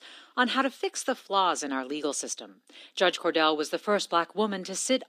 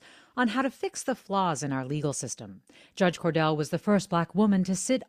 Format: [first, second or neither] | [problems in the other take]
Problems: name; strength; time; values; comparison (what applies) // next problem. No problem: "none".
second | thin; somewhat; fading below 250 Hz